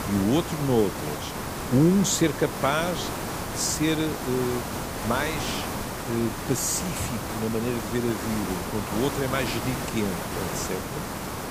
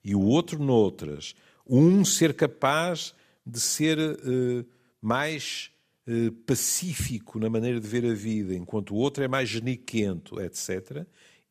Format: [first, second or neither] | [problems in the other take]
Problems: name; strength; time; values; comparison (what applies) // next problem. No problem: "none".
second | hiss; loud; throughout; 5 dB below the speech